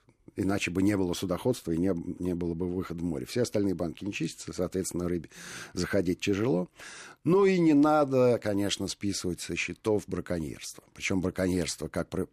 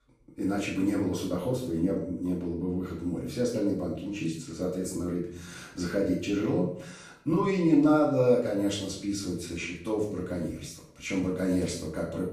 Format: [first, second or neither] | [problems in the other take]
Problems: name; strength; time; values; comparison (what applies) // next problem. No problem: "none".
first | off-mic speech; far // room echo; noticeable; dies away in 0.5 s